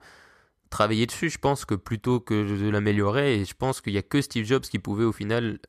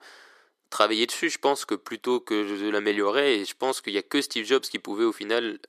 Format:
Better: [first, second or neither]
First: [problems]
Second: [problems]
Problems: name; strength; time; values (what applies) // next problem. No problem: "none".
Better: first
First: none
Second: thin; somewhat; fading below 350 Hz